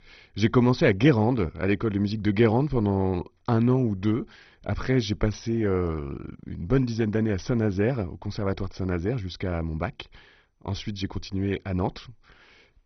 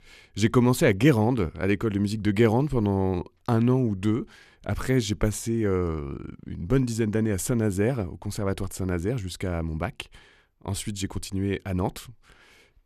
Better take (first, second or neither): second